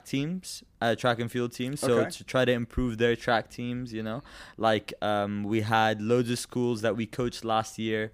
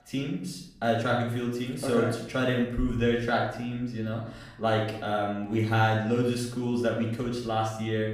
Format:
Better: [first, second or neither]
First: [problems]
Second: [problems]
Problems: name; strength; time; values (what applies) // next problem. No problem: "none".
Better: first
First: none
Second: off-mic speech; far // room echo; noticeable; dies away in 0.6 s